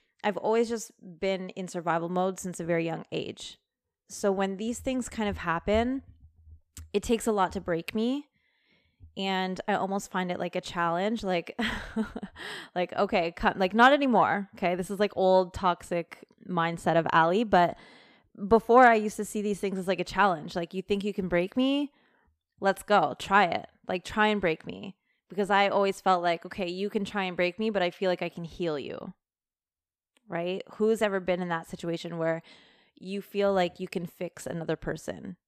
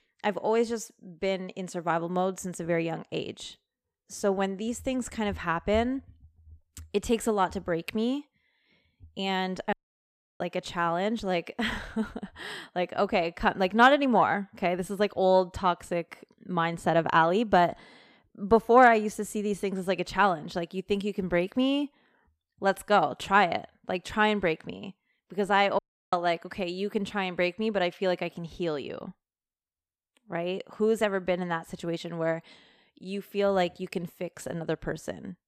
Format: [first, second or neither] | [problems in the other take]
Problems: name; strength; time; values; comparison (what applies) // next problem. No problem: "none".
first | audio cutting out; at 9.5 s for 0.5 s and at 26 s